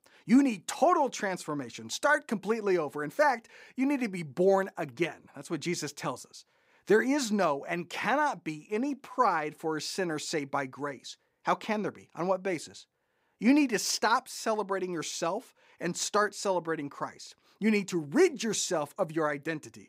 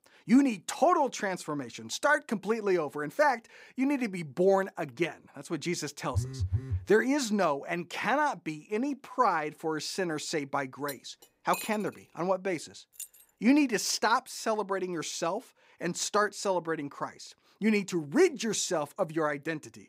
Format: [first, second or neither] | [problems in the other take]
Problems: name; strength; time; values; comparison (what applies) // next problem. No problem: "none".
first | phone ringing; noticeable; at 6 s; peak 2 dB below the speech // clattering dishes; noticeable; from 11 to 12 s; peak 9 dB below the speech // jangling keys; faint; at 13 s; peak 15 dB below the speech